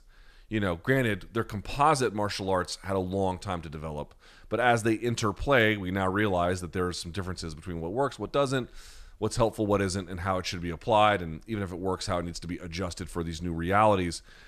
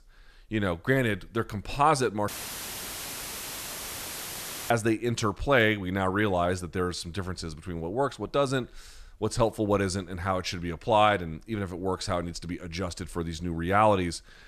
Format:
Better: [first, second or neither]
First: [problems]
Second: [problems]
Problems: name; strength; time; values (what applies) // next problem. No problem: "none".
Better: first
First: none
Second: audio cutting out; filled with static; at 2.5 s for 2.5 s